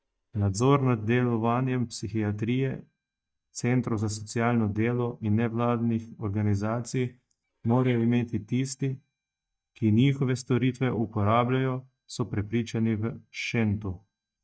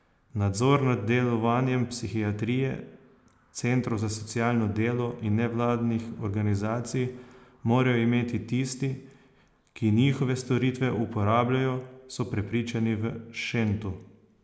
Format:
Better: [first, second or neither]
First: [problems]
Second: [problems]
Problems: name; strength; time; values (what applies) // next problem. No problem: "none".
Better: second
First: noise reduction (neural mask model DeepFilterNet 3)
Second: none